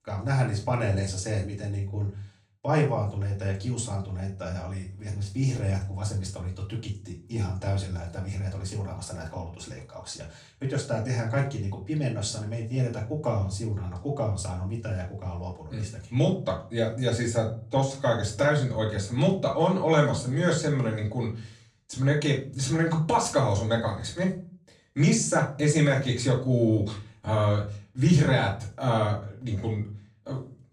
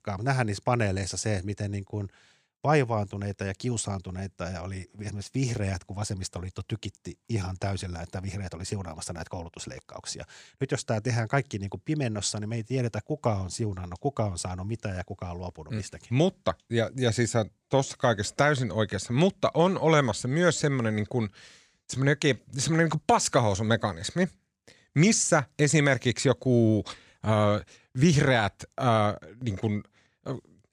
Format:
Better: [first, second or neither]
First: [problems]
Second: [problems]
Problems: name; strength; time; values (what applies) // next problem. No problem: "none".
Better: second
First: off-mic speech; far // room echo; slight; dies away in 0.3 s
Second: none